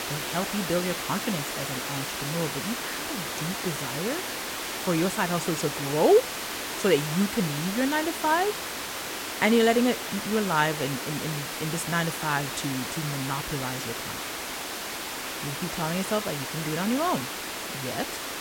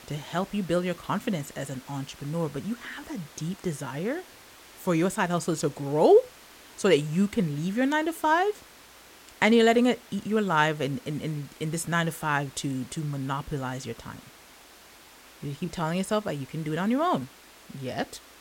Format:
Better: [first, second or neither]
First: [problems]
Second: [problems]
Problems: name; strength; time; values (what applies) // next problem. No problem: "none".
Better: second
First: hiss; loud; throughout; 3 dB below the speech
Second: hiss; faint; throughout; 20 dB below the speech